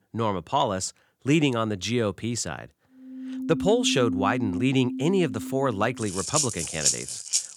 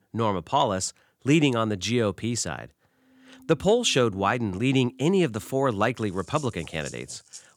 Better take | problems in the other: second | background music; loud; from 4 s on; 3 dB below the speech; faint in the second

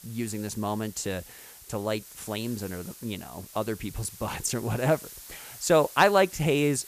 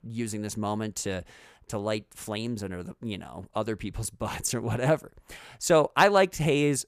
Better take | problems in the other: second | hiss; noticeable; throughout; 15 dB below the speech

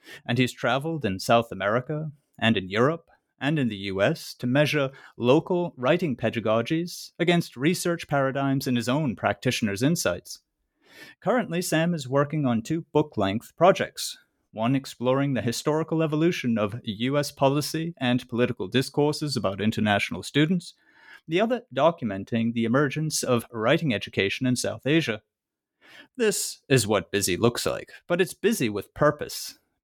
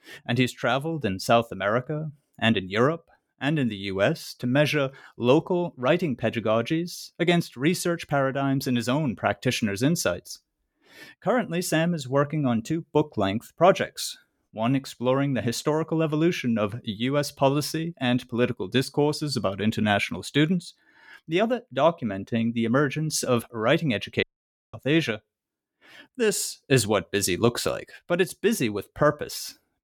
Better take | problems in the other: first | audio cutting out; at 24 s for 0.5 s

